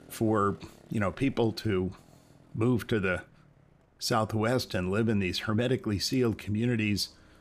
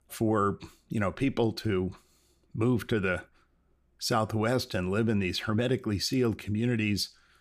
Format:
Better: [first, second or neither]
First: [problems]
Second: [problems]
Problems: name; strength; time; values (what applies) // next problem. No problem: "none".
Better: second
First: traffic noise; faint; throughout; 30 dB below the speech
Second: none